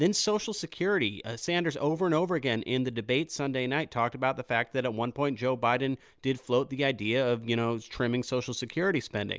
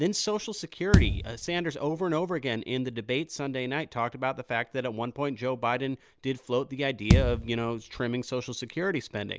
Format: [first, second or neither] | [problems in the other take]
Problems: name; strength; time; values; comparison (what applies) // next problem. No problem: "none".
first | background sound (Bass drum); 3 dB above the speech